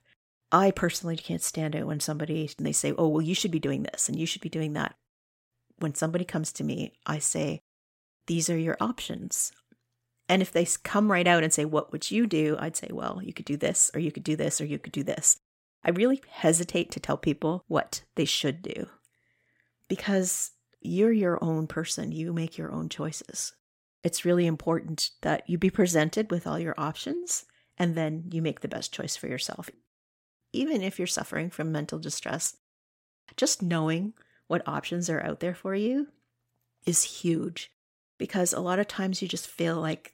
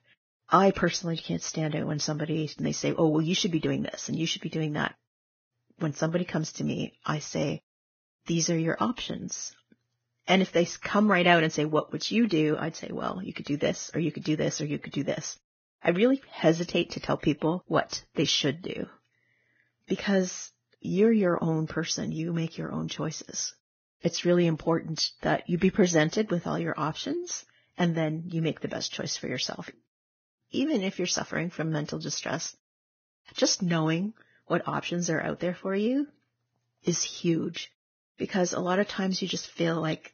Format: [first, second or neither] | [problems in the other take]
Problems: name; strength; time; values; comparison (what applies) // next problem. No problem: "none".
first | garbled, watery; badly; nothing above 6.5 kHz